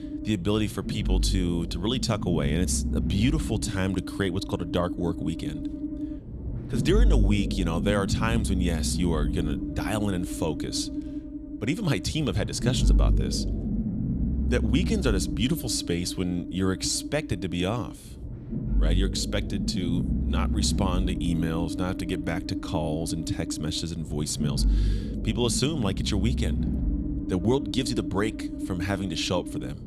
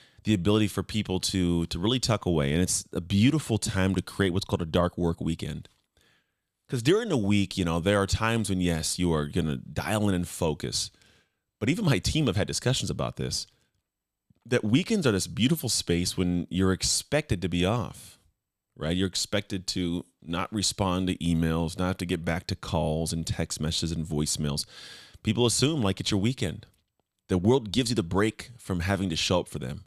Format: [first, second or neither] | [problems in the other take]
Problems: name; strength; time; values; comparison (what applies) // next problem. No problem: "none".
second | low rumble; loud; throughout; 7 dB below the speech